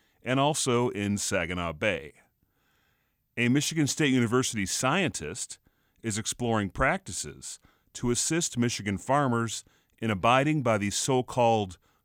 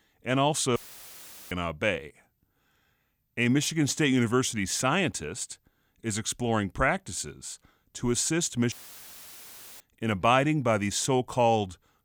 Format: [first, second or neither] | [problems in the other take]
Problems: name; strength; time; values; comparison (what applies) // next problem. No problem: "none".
first | audio cutting out; filled with static; at 1 s for 1 s and at 8.5 s for 1 s